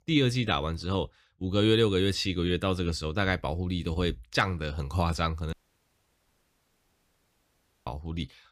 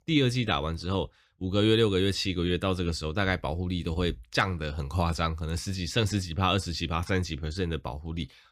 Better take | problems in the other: second | audio cutting out; at 5.5 s for 2.5 s

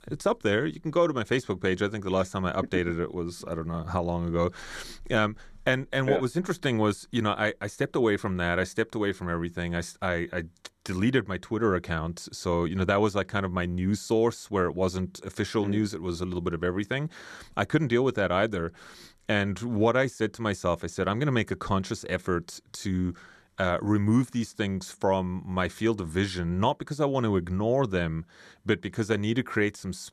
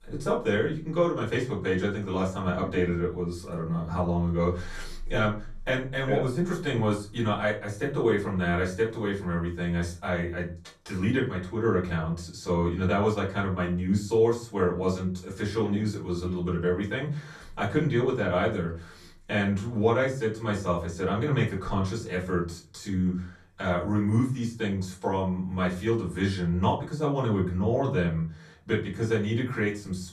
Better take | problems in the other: first | off-mic speech; far // room echo; slight; dies away in 0.4 s

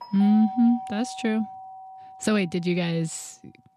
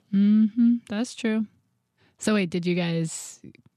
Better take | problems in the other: second | doorbell; noticeable; until 3 s; peak 10 dB below the speech

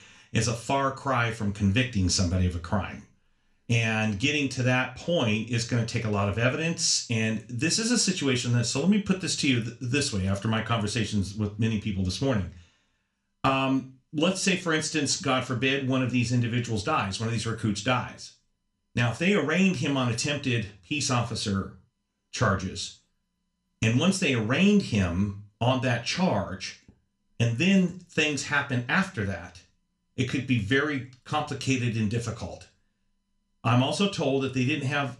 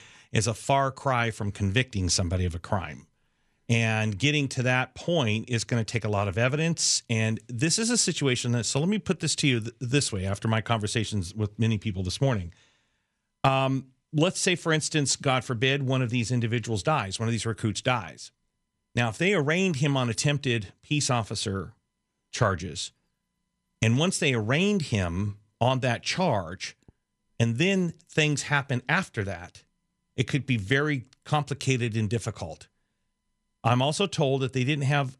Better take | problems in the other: second | room echo; very slight; dies away in 0.3 s // off-mic speech; somewhat distant

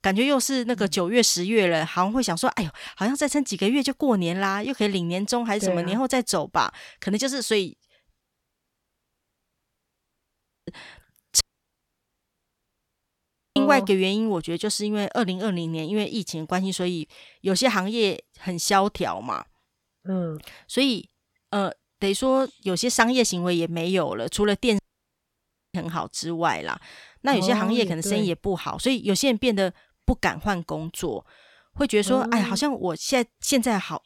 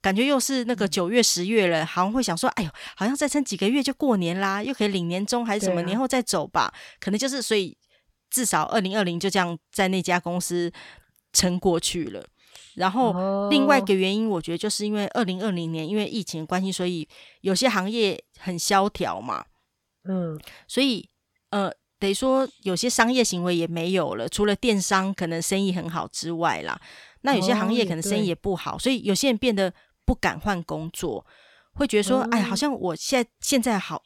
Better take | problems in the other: second | audio cutting out; at 8 s for 2.5 s, at 11 s for 2 s and at 25 s for 1 s

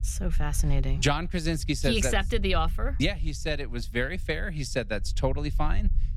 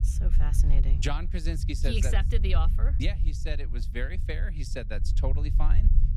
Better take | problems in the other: first | low rumble; loud; throughout; 10 dB below the speech; faint in the first

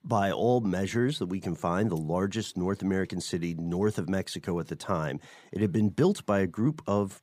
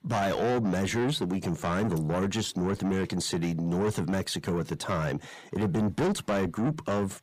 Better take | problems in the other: first | distortion; heavy; 7 dB below the speech

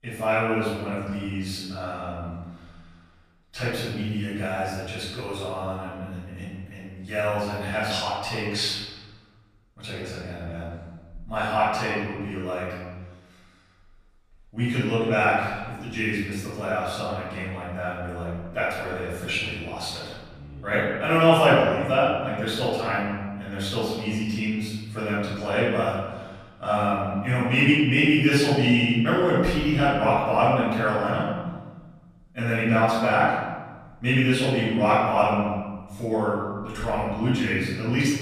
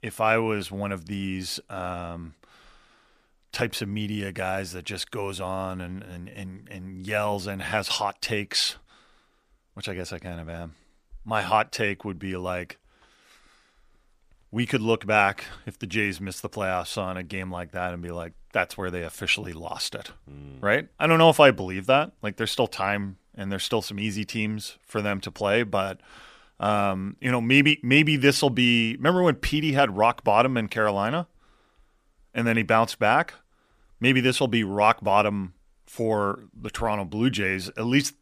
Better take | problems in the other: second | room echo; strong; dies away in 1.3 s // off-mic speech; far

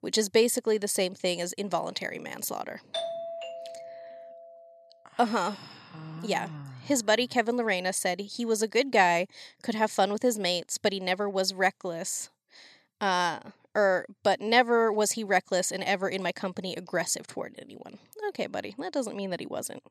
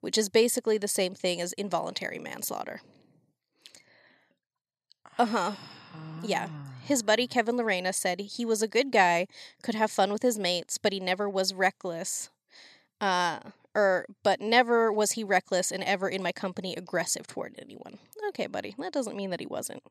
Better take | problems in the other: second | doorbell; noticeable; from 3 to 4.5 s; peak 5 dB below the speech

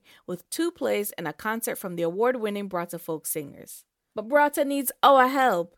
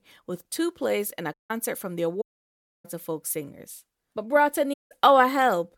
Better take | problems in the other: first | audio cutting out; at 1.5 s, at 2 s for 0.5 s and at 4.5 s

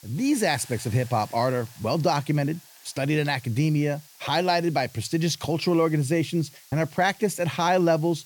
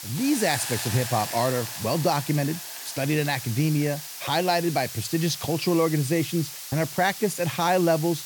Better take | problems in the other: first | hiss; loud; throughout; 8 dB below the speech; faint in the first

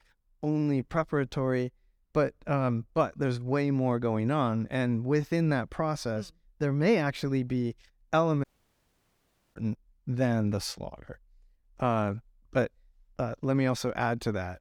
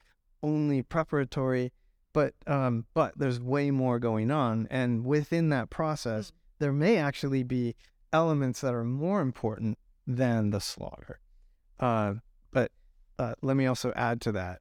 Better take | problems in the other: second | audio cutting out; at 8.5 s for 1 s

